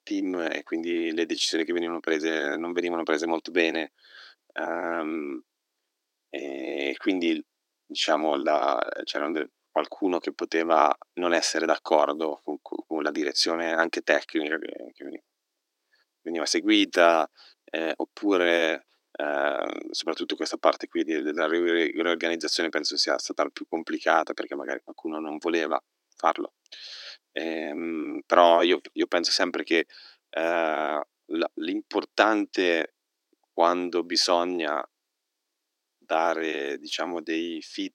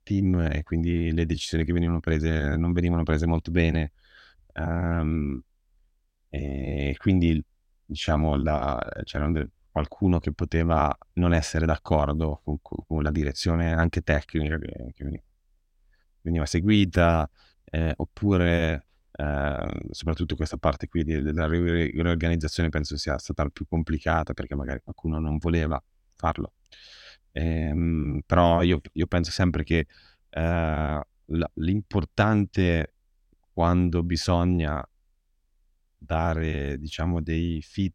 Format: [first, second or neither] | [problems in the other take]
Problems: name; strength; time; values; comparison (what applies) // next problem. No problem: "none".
second | thin; very; fading below 300 Hz